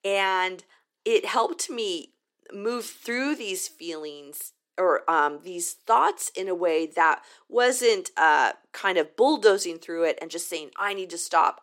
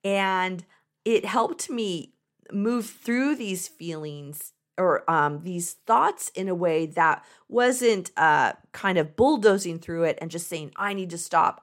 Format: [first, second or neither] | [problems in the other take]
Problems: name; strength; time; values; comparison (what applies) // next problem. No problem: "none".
second | thin; somewhat; fading below 350 Hz